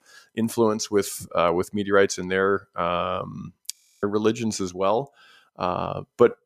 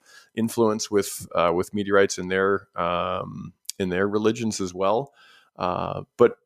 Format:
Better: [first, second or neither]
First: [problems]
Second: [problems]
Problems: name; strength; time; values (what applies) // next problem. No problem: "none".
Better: second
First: audio freezing; at 4 s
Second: none